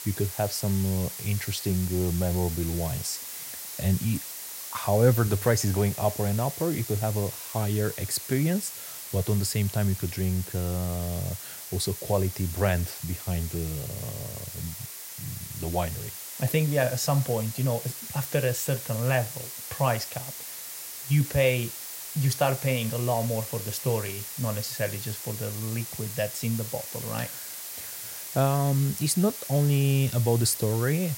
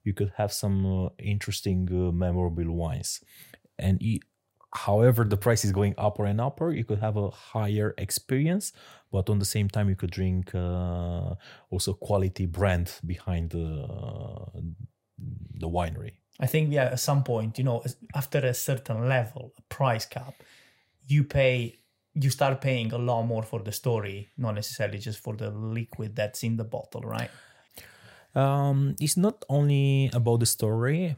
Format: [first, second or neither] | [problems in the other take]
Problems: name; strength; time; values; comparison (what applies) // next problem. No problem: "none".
second | hiss; loud; throughout; 8 dB below the speech